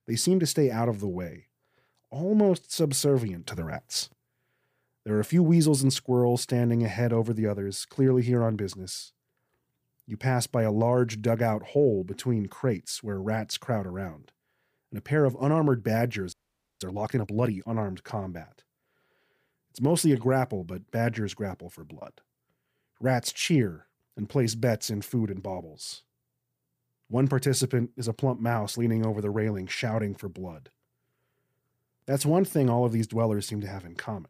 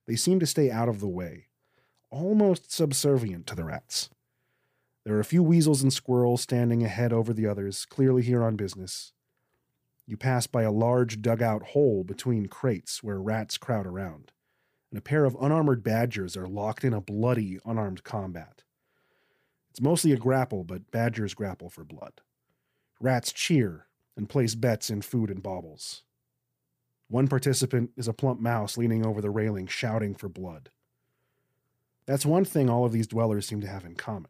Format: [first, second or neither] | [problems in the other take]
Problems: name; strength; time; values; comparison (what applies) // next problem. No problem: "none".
second | audio freezing; at 16 s